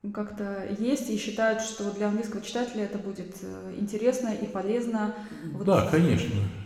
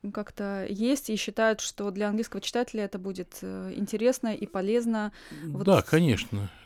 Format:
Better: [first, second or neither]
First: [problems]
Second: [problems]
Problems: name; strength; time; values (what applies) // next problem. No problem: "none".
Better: second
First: room echo; noticeable; dies away in 1.3 s // off-mic speech; somewhat distant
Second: none